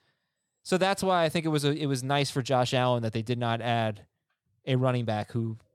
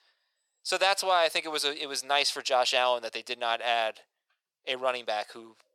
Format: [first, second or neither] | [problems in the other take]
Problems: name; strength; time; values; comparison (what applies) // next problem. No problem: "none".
first | thin; very; fading below 550 Hz